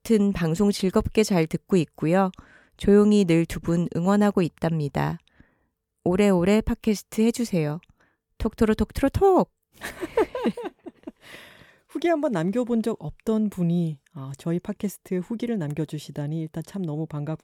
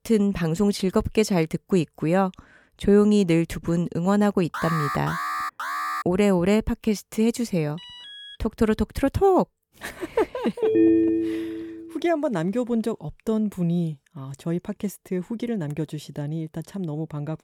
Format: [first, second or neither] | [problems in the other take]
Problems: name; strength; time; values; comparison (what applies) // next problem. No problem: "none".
first | alarm; noticeable; from 4.5 to 6 s; peak 3 dB below the speech // alarm; faint; at 8 s; peak 15 dB below the speech // phone ringing; loud; from 11 to 12 s; peak 6 dB above the speech